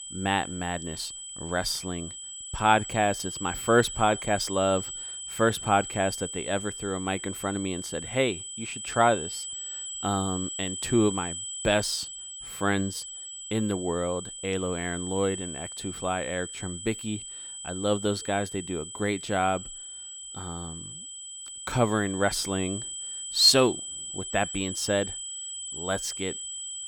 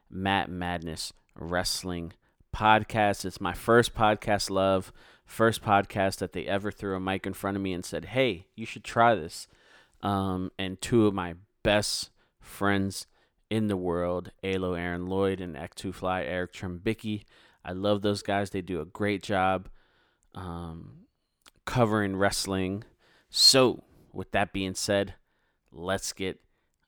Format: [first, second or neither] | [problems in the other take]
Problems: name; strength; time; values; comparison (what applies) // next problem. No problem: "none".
second | high-pitched whine; loud; throughout; 8 kHz, 8 dB below the speech